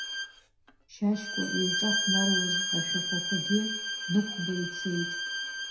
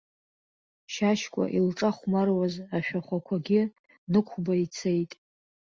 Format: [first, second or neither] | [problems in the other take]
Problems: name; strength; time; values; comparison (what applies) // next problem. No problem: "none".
second | background sound (Bowed string instrument); as loud as the speech // room echo; dies away in 0.6 s